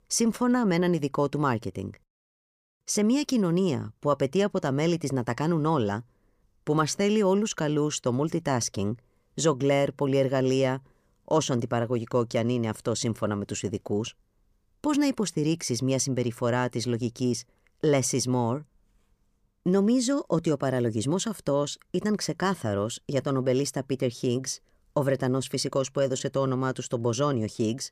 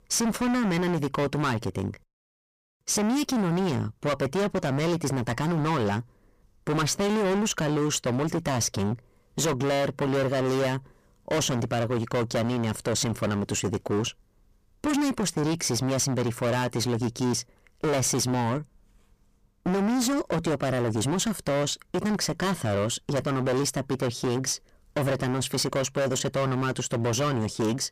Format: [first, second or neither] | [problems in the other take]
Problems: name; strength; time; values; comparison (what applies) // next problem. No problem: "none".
first | distortion; heavy; 27% of the sound clipped